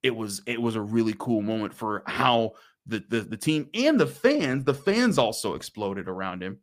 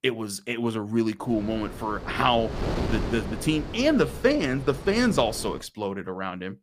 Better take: first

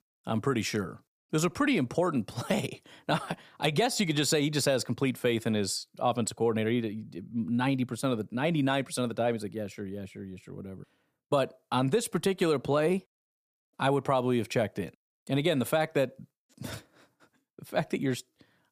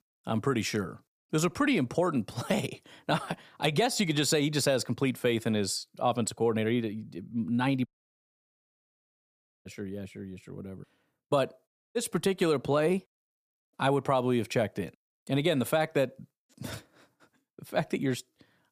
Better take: first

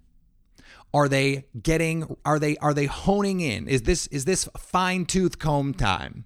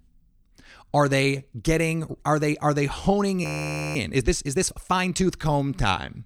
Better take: first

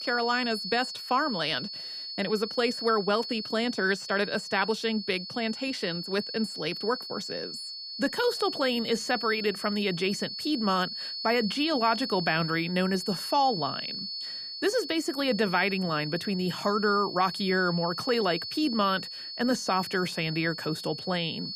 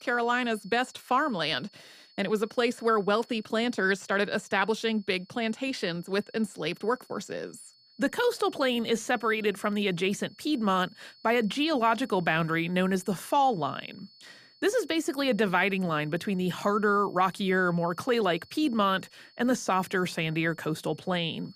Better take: second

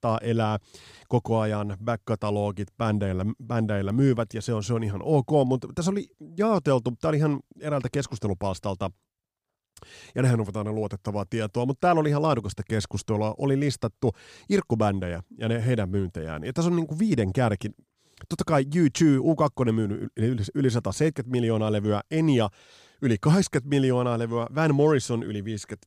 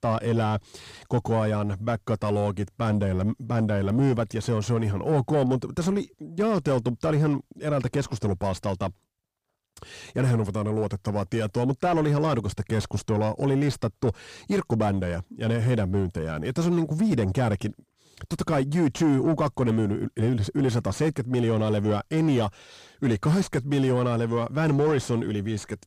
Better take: first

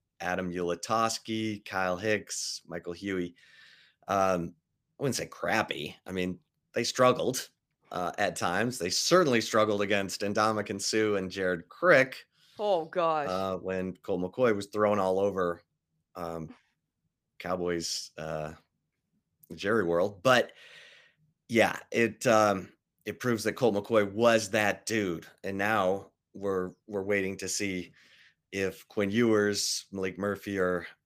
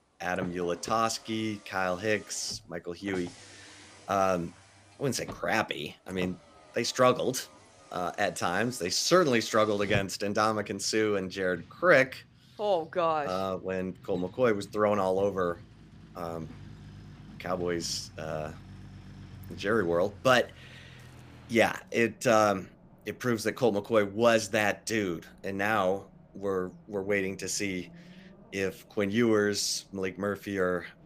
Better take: first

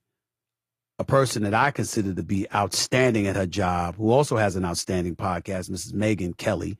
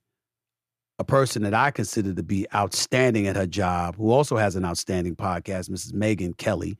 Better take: second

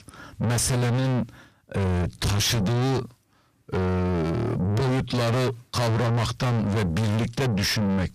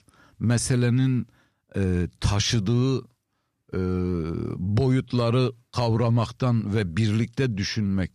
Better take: second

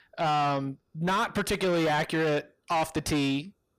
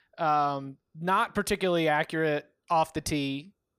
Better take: second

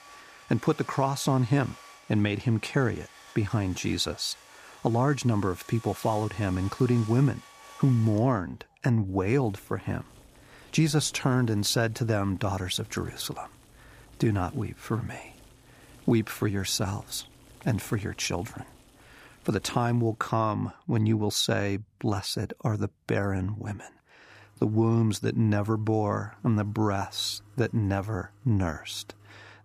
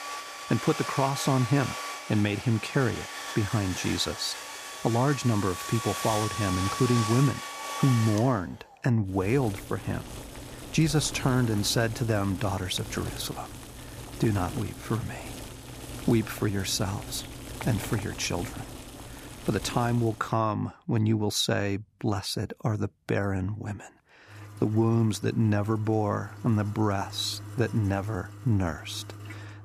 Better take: first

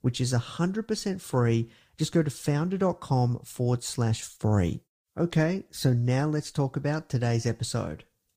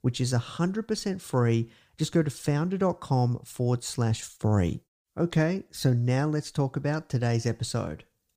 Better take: second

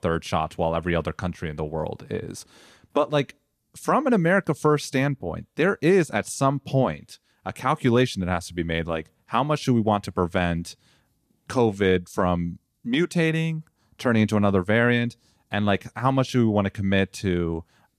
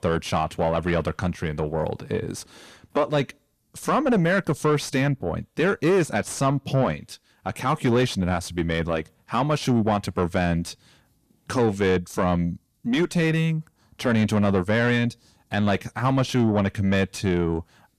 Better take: first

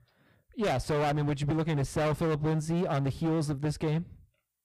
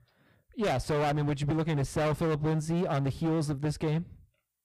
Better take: neither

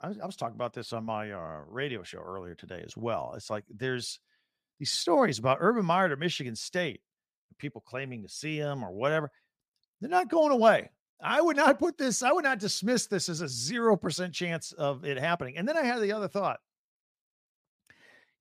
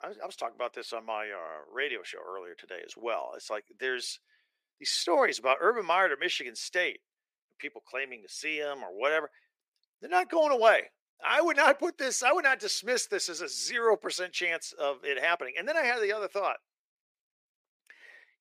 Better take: first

